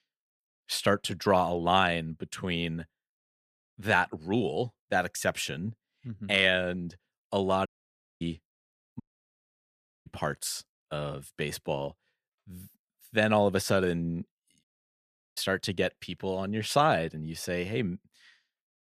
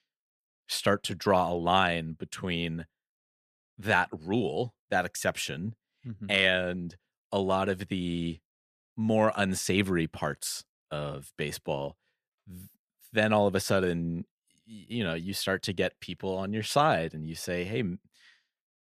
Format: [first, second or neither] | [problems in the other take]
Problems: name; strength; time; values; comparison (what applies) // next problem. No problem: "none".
second | audio cutting out; at 7.5 s for 0.5 s, at 9 s for 1 s and at 15 s for 0.5 s